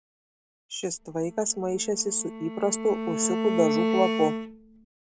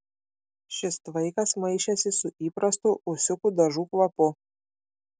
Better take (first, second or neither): second